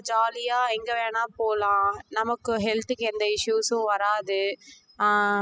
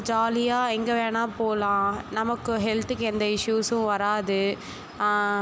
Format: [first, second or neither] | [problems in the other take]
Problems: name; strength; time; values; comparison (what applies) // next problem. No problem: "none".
second | noise reduction (classical method spectral subtraction)